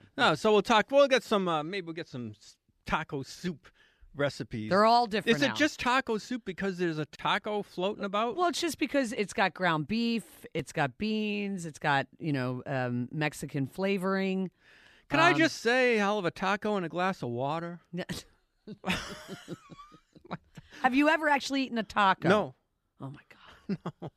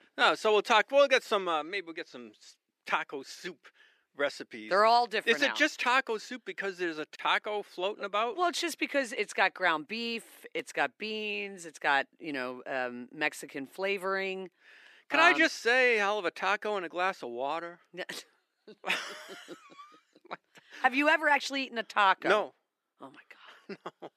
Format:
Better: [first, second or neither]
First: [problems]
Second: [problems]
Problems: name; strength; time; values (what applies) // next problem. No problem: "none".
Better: first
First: none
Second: thin; somewhat; fading below 350 Hz